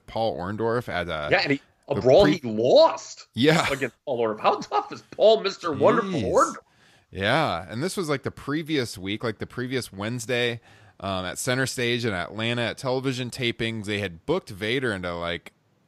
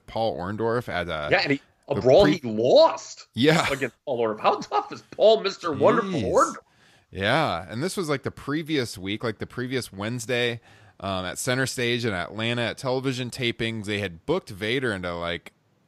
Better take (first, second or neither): neither